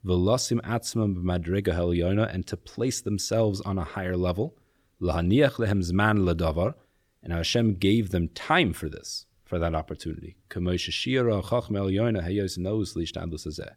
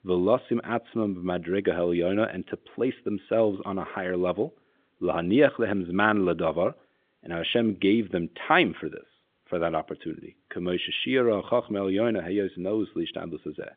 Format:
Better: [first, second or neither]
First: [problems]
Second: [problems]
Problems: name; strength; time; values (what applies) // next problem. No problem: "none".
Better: first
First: none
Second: phone-call audio; nothing above 3.5 kHz